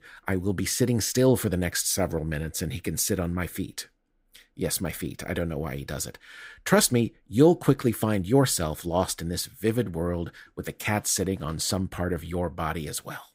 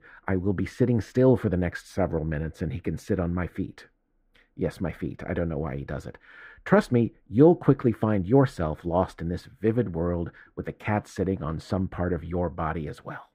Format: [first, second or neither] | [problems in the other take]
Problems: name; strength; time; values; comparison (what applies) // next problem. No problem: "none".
first | muffled; very; fading above 3.5 kHz